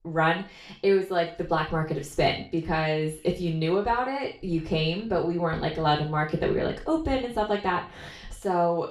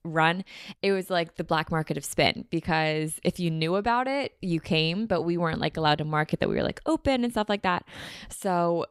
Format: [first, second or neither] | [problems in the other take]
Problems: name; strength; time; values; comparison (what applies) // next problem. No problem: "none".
second | room echo; slight; dies away in 0.4 s // off-mic speech; far